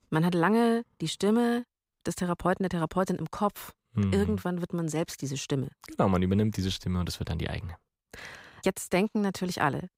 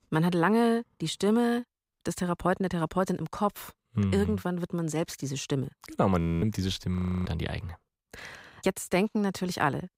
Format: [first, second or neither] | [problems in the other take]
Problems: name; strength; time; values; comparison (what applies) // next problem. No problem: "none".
first | audio freezing; at 6 s and at 7 s